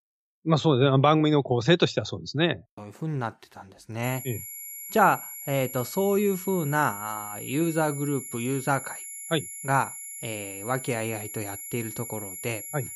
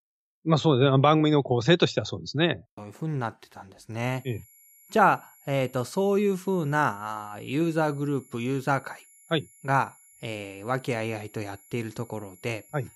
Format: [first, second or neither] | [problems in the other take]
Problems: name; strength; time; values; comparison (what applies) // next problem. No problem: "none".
second | high-pitched whine; loud; from 4 s on; 11.5 kHz, 10 dB below the speech; faint in the second